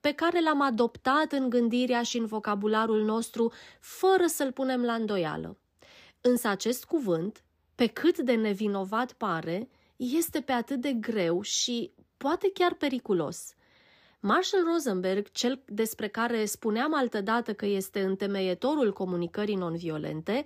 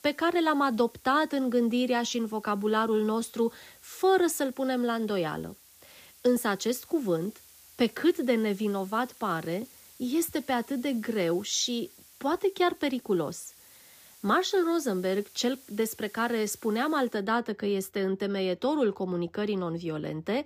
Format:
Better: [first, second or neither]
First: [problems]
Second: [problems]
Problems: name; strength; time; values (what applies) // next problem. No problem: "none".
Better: first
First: none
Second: hiss; faint; until 17 s; 25 dB below the speech